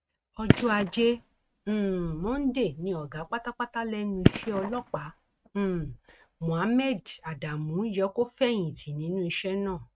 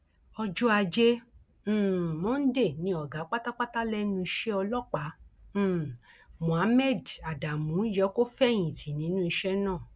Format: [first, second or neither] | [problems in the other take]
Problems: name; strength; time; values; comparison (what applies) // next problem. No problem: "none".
second | noise reduction (neural mask model RNNoise)